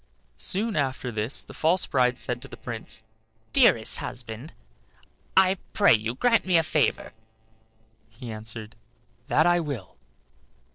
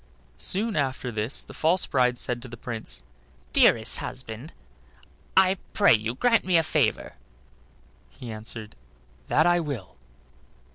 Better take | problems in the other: second | noise reduction (neural separator model SepFormer DNS4)

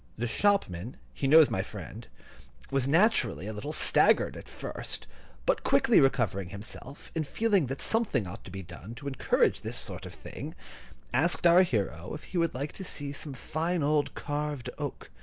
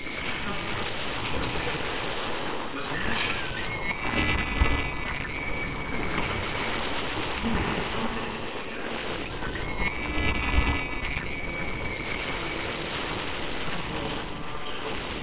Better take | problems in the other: first | noise reduction (neural separator model SepFormer WHAMR!)

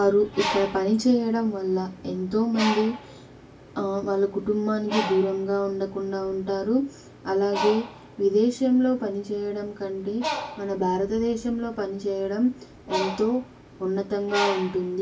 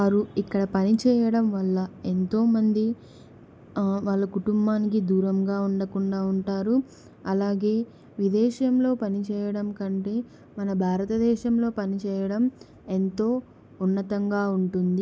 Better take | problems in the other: second | background sound (Bird); 11 dB below the speech // room echo; dies away in 0.2 s

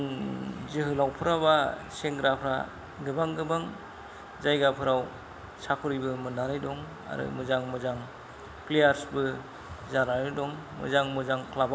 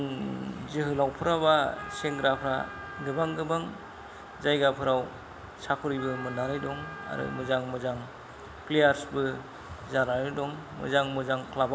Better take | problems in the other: first | background sound (Wind instrument, woodwind instrument); 13 dB below the speech

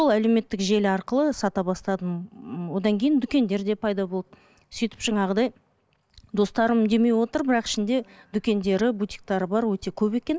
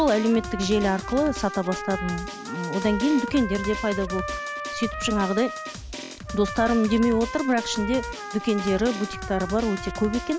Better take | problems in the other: first | background sound (Trumpet + Drum); 8 dB below the speech

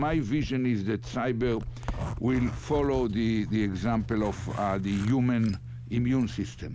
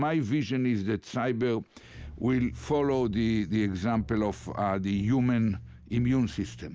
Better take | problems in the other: second | background sound (Zipper (clothing)); 10 dB below the speech

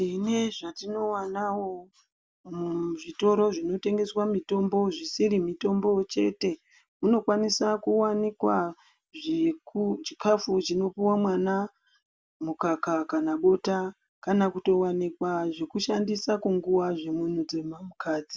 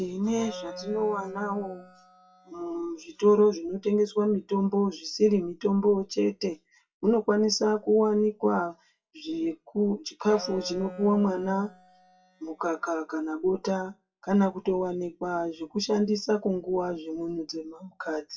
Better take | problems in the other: first | noise reduction (classical method WPE with log-MMSE)

